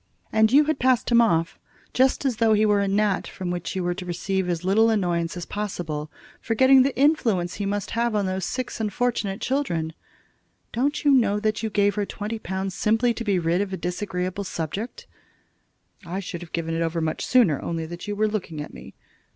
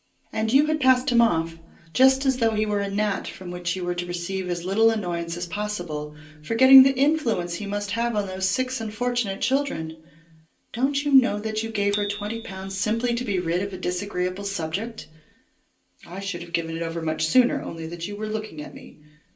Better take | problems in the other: first | background sound (Bicycle bell); 16 dB below the speech // room echo; dies away in 0.3 s

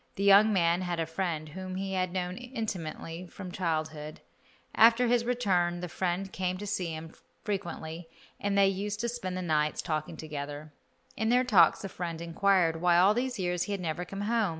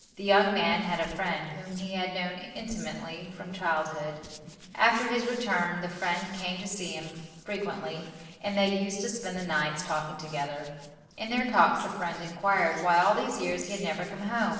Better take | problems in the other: first | noise reduction (neural separator model SepFormer DNS4)

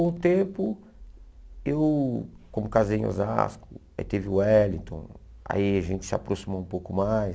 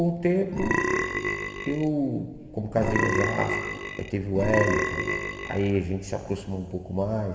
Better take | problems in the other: first | background sound (Burping, eructation); as loud as the speech // room echo; dies away in 2.7 s

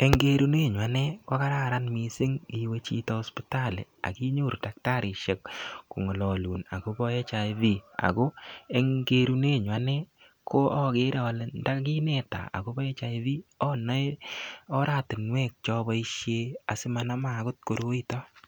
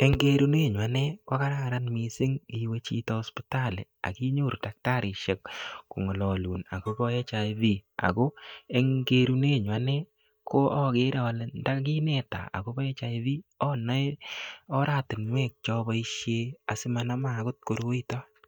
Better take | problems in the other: first | noise reduction (neural mask model DeepFilterNet 3)

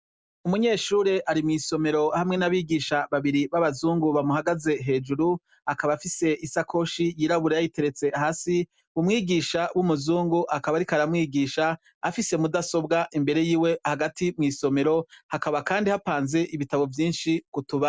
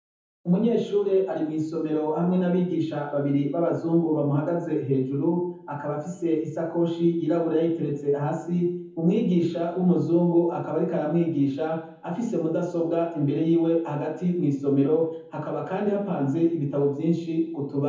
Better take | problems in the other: first | room echo; dies away in 0.7 s

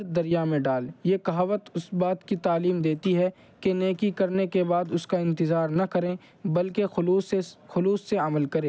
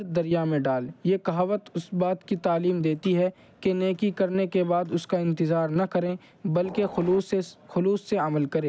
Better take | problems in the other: first | background sound (Train); 14 dB below the speech

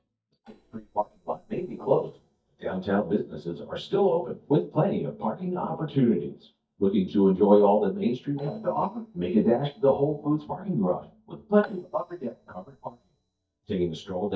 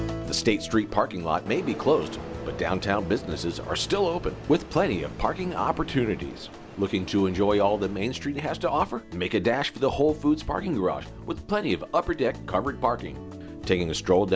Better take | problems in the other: second | noise reduction (neural mask model DeepFilterNet 3)

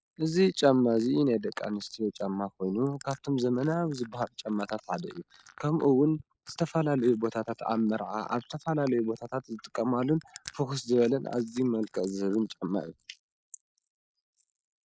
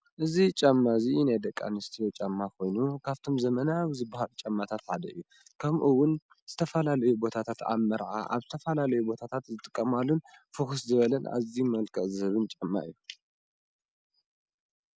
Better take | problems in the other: second | noise reduction (neural mask model Resemble Enhance denoiser)

